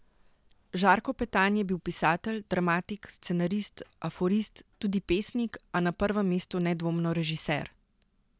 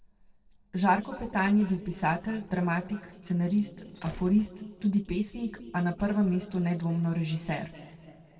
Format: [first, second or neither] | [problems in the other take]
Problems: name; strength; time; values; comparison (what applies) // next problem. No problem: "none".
first | noise reduction (neural separator model SepFormer DNS4)